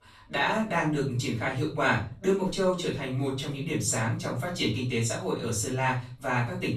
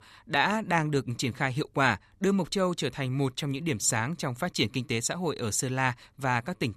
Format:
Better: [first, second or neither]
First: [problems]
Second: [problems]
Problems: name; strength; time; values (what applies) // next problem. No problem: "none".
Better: second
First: off-mic speech; far // room echo; slight; dies away in 0.4 s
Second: none